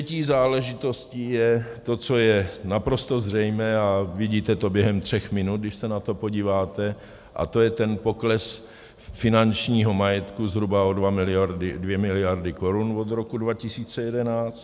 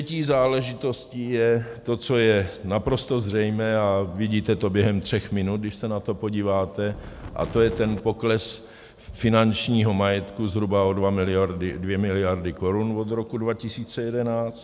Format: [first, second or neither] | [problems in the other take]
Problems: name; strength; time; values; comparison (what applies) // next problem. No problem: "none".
first | background sound (Wind); 12 dB below the speech